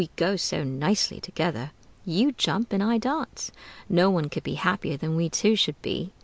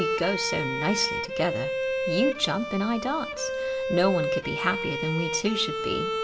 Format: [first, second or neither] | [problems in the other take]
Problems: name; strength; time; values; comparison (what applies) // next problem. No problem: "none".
first | background sound (Bowed string instrument); 1 dB below the speech // room echo; dies away in 0.3 s